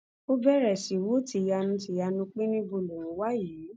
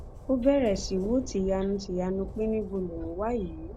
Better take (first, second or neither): first